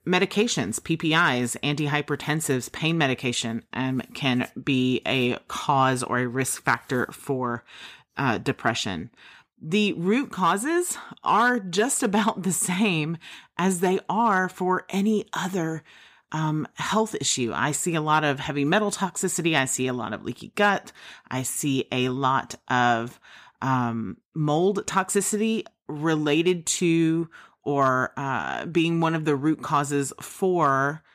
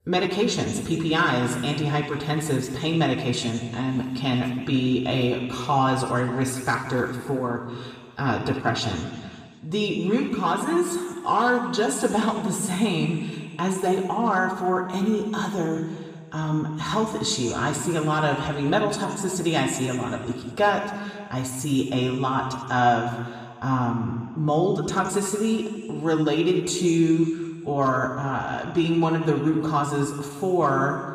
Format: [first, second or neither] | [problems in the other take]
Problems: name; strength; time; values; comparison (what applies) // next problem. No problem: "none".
first | room echo; noticeable; dies away in 1.6 s // off-mic speech; somewhat distant